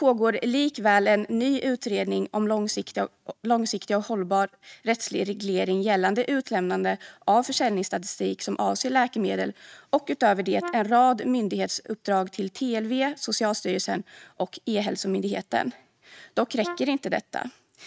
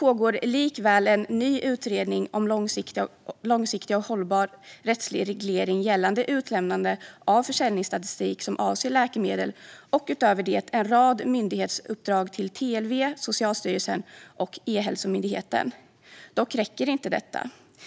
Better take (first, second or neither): second